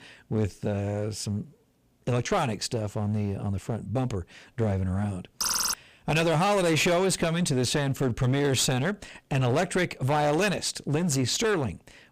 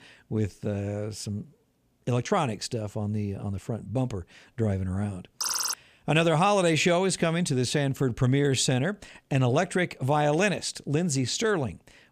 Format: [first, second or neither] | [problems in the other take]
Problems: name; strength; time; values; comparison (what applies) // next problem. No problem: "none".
second | distortion; heavy; 12% of the sound clipped